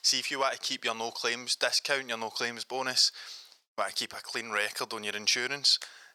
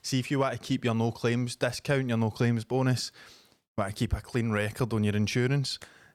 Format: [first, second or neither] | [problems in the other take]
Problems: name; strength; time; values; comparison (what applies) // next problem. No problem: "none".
second | thin; very; fading below 750 Hz